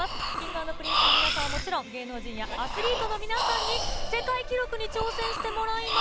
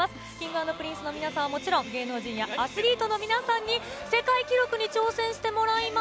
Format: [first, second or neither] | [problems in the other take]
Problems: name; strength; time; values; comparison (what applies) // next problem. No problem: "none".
second | background sound (Breathing); 3 dB above the speech